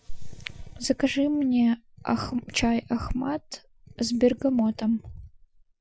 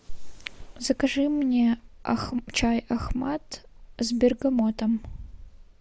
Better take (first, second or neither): second